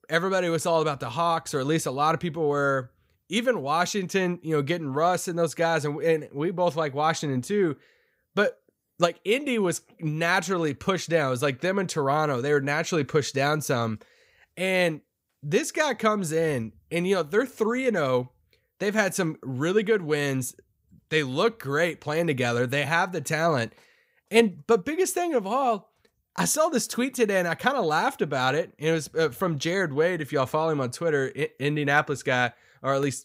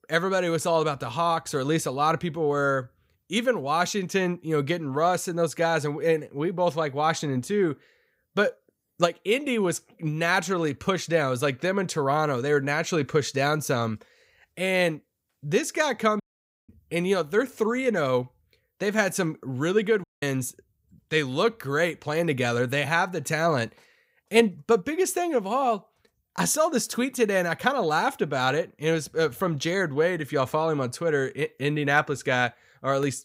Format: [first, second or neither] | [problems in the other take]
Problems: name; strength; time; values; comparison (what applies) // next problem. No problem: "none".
first | audio cutting out; at 16 s and at 20 s